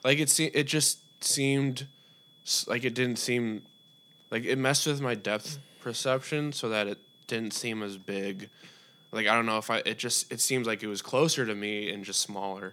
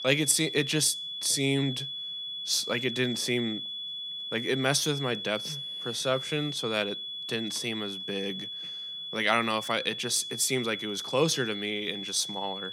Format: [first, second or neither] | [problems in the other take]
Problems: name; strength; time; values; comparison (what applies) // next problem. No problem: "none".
first | high-pitched whine; loud; throughout; 3.5 kHz, 6 dB below the speech; faint in the first